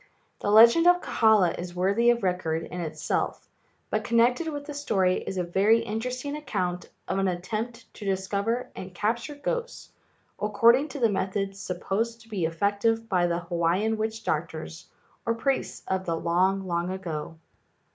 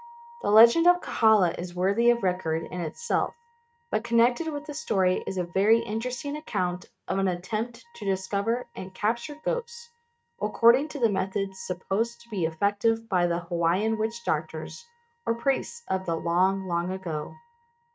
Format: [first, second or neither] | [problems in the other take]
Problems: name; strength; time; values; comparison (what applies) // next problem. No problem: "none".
first | noise reduction (neural mask model RNNoise)